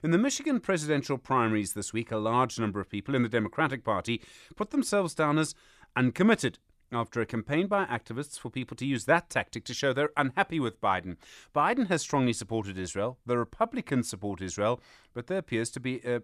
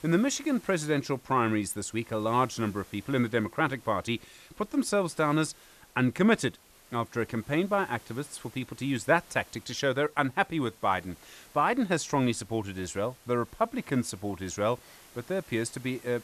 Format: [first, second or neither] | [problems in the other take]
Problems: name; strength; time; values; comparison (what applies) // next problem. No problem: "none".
first | hiss; faint; throughout; 25 dB below the speech